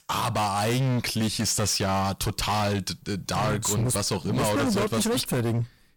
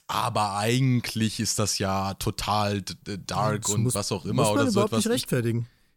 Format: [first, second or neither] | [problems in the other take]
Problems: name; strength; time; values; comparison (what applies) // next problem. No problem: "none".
second | distortion; heavy; 27% of the sound clipped